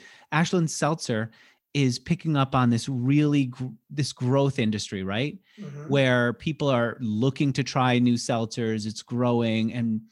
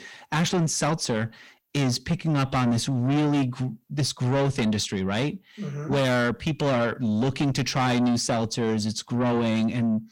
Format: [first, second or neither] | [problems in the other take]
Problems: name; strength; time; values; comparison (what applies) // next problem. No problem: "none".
first | distortion; heavy; 7 dB below the speech